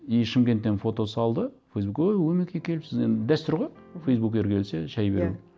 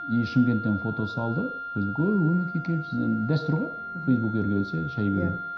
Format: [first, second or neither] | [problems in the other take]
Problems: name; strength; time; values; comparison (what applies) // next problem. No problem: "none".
first | background sound (Wind instrument, woodwind instrument); 10 dB below the speech // room echo; dies away in 0.5 s